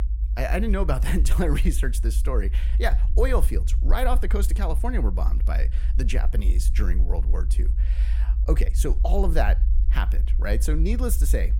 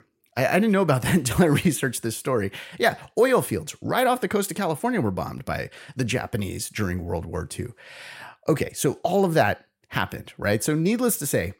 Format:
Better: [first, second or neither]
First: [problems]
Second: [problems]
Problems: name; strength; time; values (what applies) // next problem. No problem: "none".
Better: second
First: low rumble; noticeable; throughout; 15 dB below the speech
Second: none